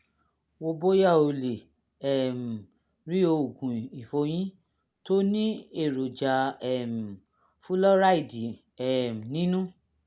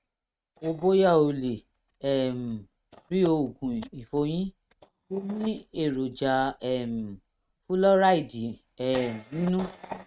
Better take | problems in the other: first | noise reduction (neural mask model RNNoise)

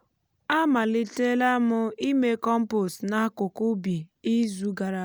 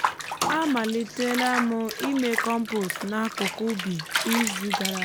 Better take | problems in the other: first | background sound (Bathtub (filling or washing) / Water); 3 dB below the speech

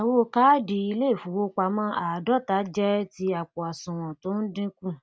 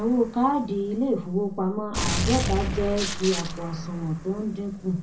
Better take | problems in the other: first | background sound (Gunshot, gunfire); 5 dB below the speech // room echo; dies away in 0.4 s

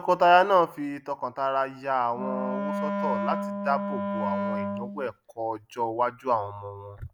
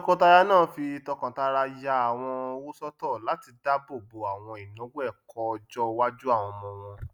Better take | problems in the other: second | background sound (Wind instrument, woodwind instrument); 4 dB below the speech

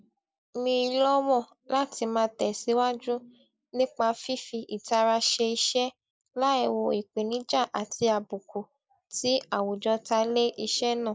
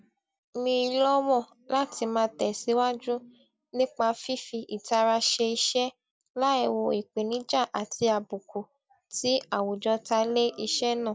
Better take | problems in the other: second | noise reduction (neural mask model Resemble Enhance denoiser)

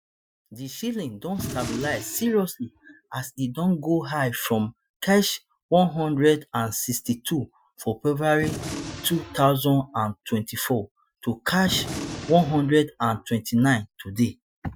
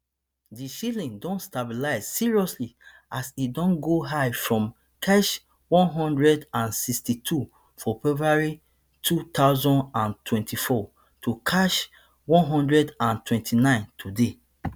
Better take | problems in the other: second | noise reduction (classical method Wiener filter)

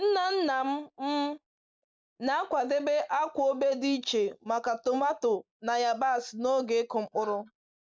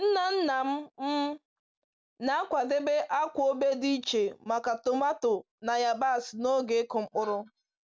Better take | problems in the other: second | noise reduction (neural mask model Resemble Enhance denoiser)

